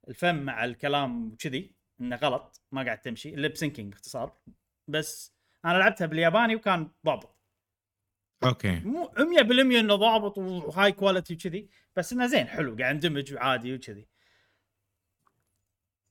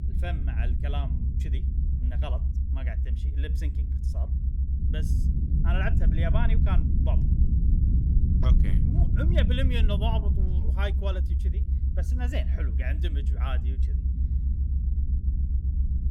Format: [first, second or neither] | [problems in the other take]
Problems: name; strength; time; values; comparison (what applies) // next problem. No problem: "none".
first | low rumble; loud; throughout; 5 dB below the speech